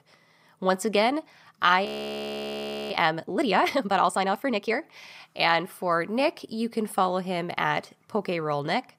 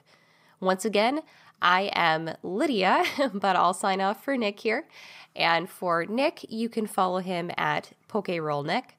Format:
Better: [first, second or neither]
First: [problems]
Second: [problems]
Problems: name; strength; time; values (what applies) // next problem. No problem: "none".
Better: second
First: audio freezing; at 2 s for 1 s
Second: none